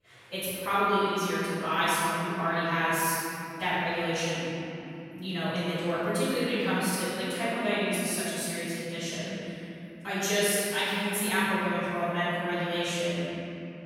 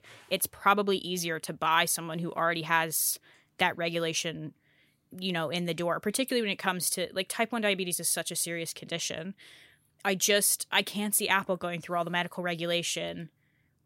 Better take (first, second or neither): second